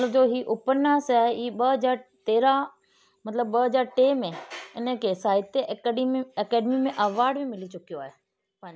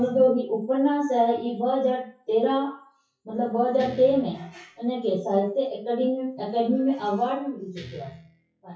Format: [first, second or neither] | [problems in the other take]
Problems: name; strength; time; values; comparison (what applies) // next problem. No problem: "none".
first | noise reduction (classical method WPE with log-MMSE)